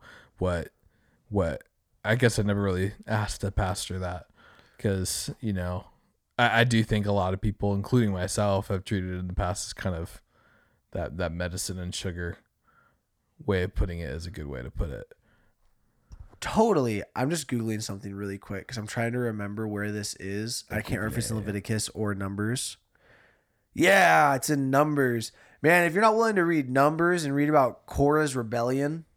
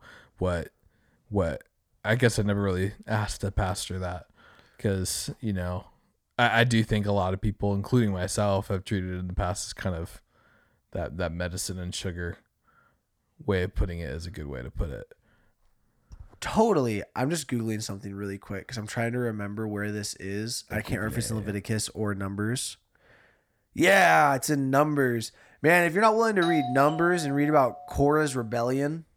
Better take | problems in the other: first | doorbell; noticeable; from 26 to 28 s; peak 5 dB below the speech

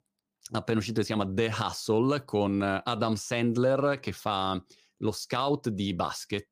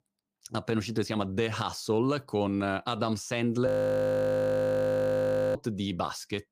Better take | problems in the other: first | audio freezing; at 3.5 s for 2 s

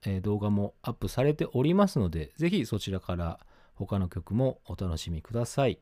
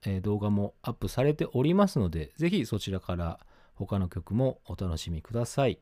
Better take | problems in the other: neither | none

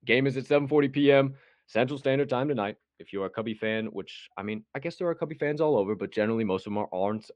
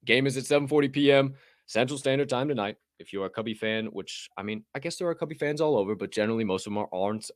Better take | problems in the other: second | muffled; slightly; fading above 2.5 kHz

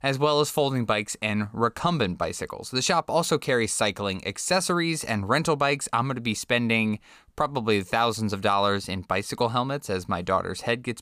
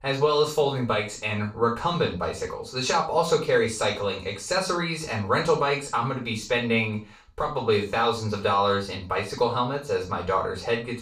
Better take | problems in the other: first | room echo; noticeable; dies away in 0.3 s // off-mic speech; far

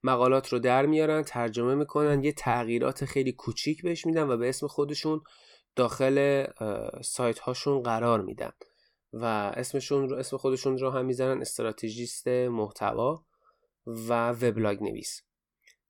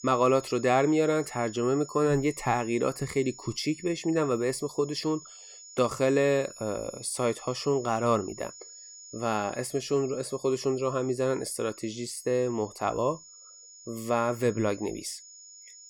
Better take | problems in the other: first | high-pitched whine; noticeable; throughout; 7 kHz, 15 dB below the speech

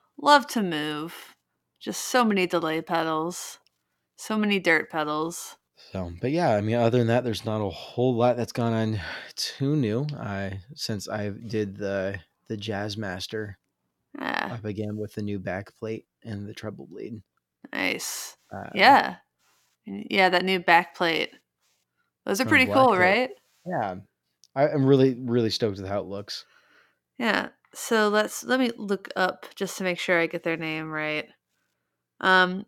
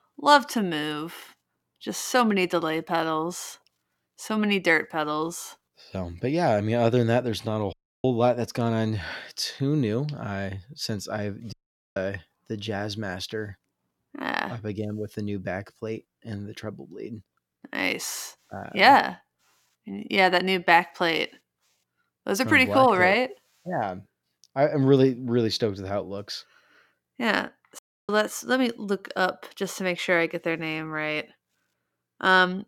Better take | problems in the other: first | audio cutting out; at 7.5 s, at 12 s and at 28 s

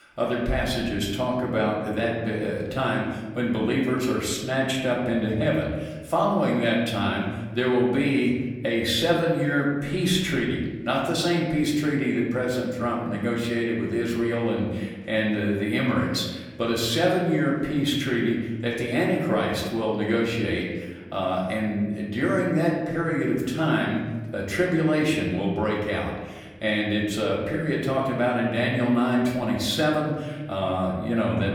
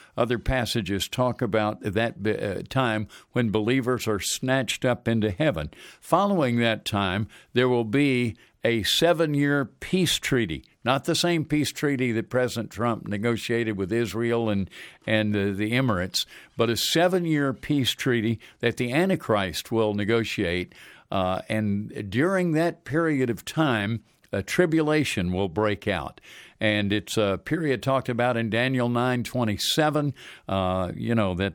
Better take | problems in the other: second | room echo; noticeable; dies away in 1.2 s // off-mic speech; far

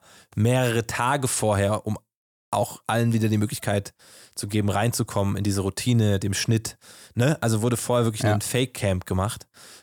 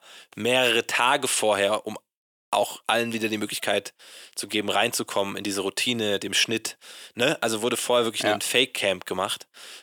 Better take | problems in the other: first | thin; somewhat; fading below 400 Hz

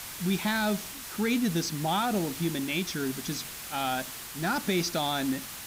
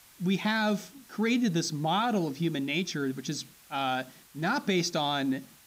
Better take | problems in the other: second | hiss; loud; throughout; 8 dB below the speech; faint in the second

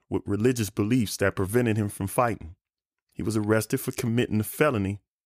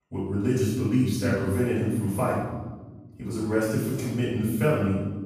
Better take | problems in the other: first | off-mic speech; far // room echo; strong; dies away in 1.3 s

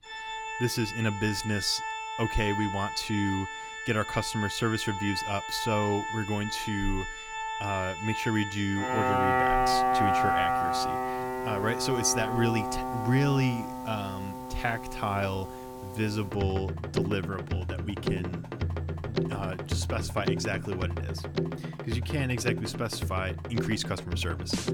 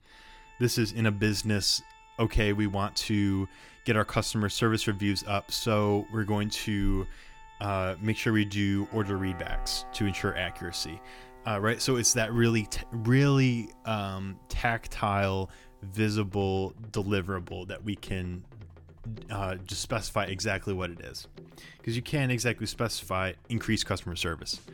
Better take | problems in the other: second | background music; loud; throughout; 1 dB below the speech; faint in the second

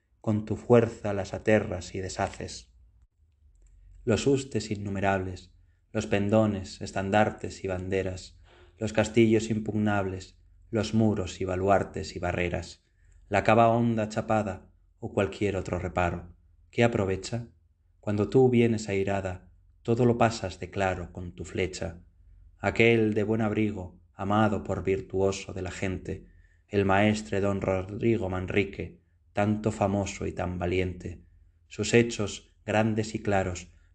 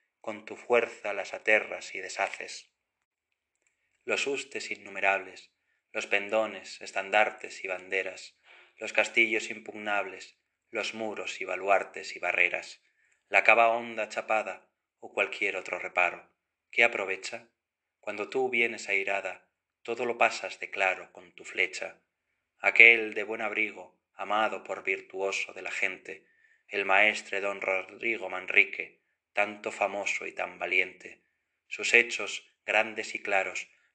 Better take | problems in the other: first | thin; very; fading below 600 Hz

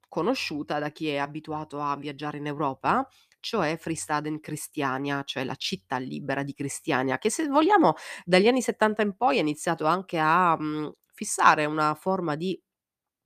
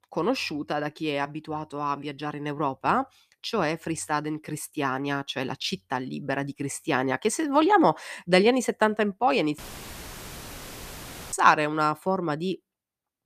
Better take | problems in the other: first | audio cutting out; filled with static; at 9.5 s for 2 s

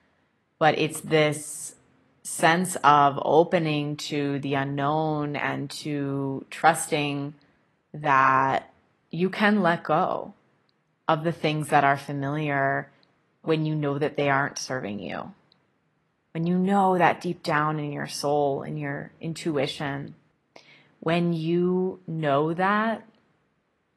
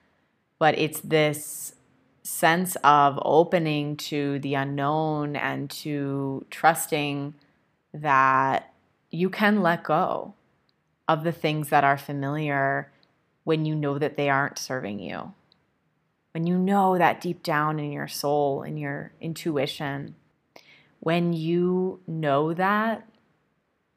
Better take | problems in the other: second | garbled, watery; slightly; nothing above 12 kHz

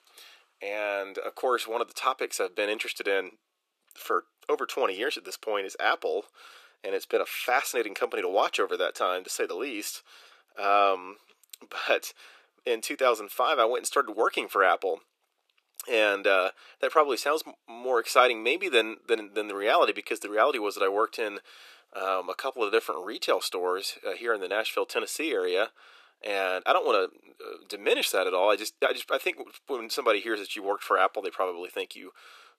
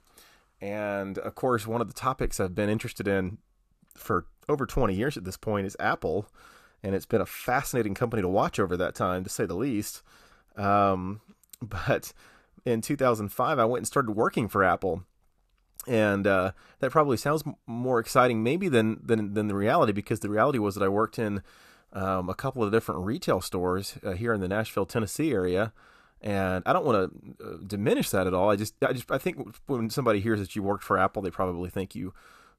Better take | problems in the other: second | thin; very; fading below 350 Hz

